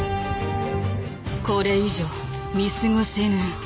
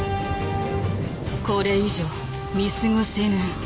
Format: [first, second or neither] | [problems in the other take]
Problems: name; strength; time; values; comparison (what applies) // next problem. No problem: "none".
first | background sound (Thunder); 10 dB below the speech